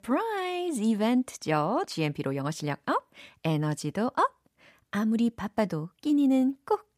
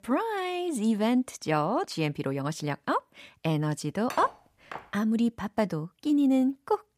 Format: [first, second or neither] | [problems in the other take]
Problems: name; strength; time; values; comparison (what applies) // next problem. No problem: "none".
first | clattering dishes; noticeable; at 4 s; peak 8 dB below the speech